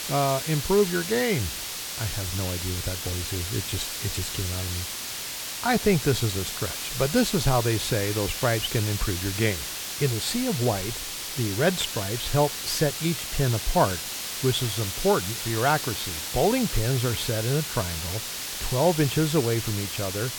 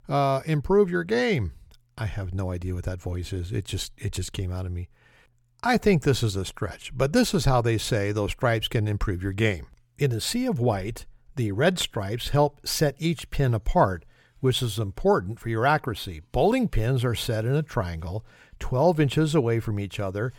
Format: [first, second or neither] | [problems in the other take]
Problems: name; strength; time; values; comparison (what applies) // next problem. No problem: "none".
second | hiss; loud; throughout; 4 dB below the speech